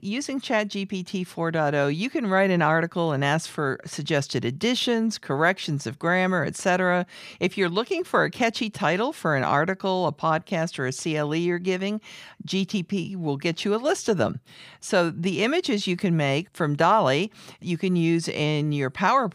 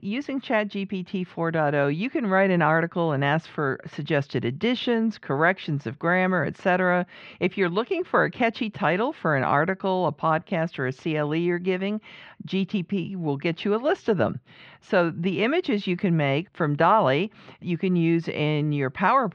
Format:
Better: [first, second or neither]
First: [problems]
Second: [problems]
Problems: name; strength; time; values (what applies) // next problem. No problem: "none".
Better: first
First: none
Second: muffled; slightly; fading above 3 kHz